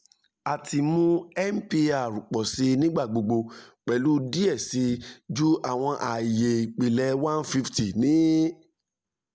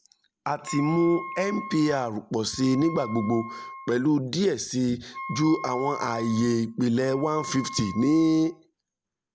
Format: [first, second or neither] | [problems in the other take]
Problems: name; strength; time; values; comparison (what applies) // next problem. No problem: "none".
first | background sound (Wind instrument, woodwind instrument); 14 dB below the speech